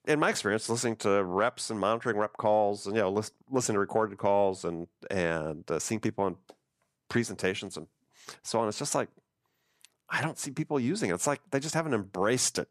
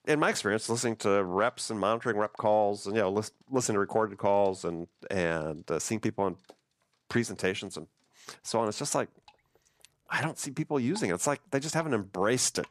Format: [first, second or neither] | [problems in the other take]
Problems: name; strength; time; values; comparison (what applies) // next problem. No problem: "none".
first | rain or running water; faint; throughout; 25 dB below the speech